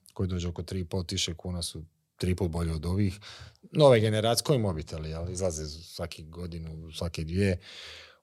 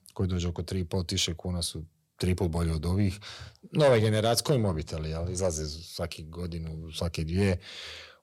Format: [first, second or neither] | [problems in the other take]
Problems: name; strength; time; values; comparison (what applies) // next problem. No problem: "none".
first | distortion; slight; 10 dB below the speech